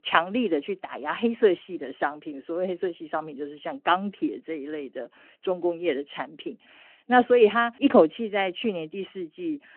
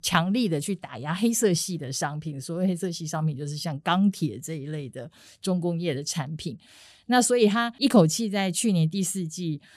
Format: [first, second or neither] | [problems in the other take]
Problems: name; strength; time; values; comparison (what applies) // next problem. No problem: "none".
second | phone-call audio